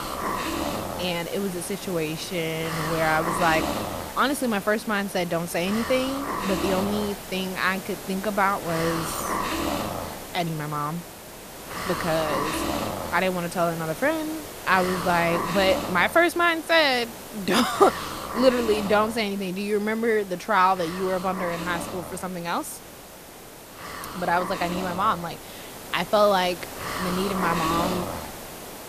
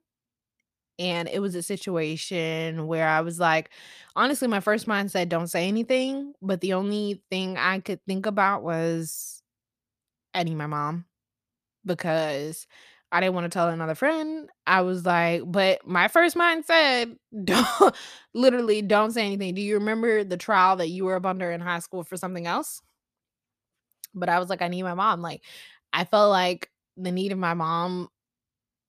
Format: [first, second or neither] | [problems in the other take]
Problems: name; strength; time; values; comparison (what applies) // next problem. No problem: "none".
second | hiss; loud; throughout; 7 dB below the speech